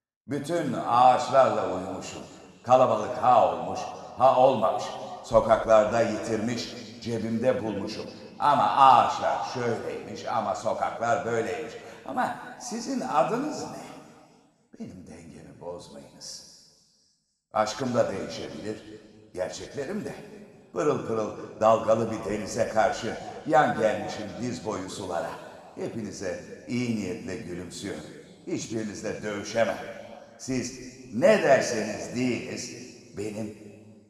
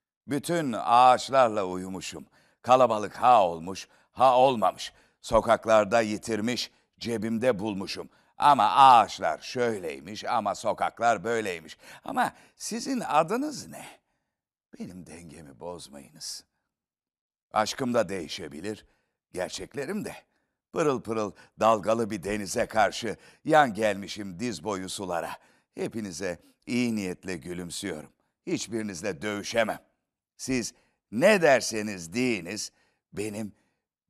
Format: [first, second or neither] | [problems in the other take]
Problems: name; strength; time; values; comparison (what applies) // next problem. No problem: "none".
second | room echo; noticeable; dies away in 1.9 s // off-mic speech; somewhat distant